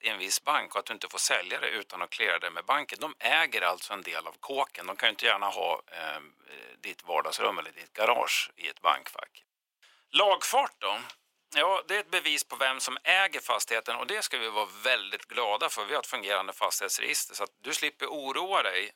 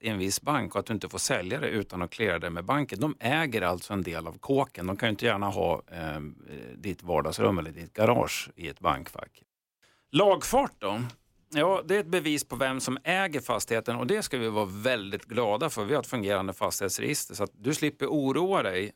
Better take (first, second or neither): second